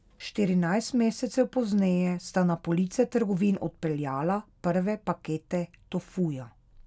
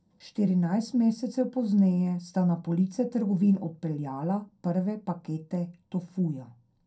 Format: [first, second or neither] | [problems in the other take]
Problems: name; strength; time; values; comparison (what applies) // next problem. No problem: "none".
first | room echo; dies away in 0.2 s